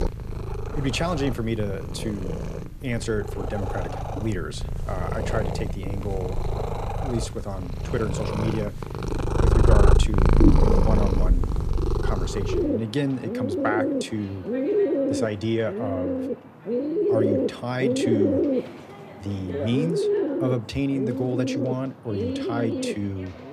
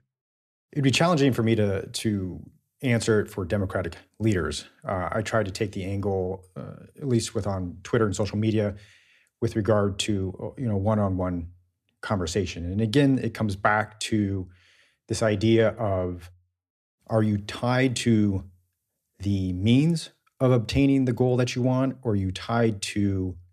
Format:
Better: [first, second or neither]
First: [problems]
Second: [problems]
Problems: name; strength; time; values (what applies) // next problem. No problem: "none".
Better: second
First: animal sounds; very loud; throughout; 3 dB above the speech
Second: none